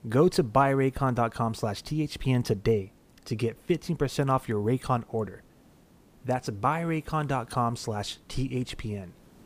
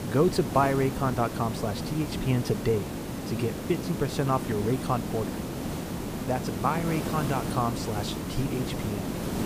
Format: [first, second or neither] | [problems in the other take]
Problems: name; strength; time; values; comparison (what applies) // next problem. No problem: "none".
first | hiss; loud; throughout; 4 dB below the speech; faint in the first